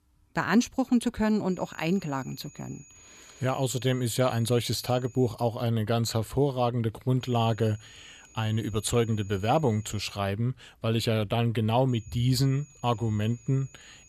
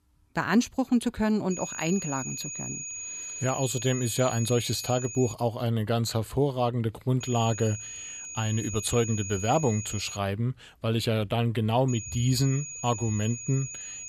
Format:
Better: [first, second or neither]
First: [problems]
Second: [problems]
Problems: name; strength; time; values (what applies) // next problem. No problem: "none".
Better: first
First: high-pitched whine; faint; from 1.5 to 5.5 s, from 7 to 10 s and from 12 s on; 6.5 kHz, 25 dB below the speech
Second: high-pitched whine; loud; from 1.5 to 5.5 s, from 7 to 10 s and from 12 s on; 6.5 kHz, 8 dB below the speech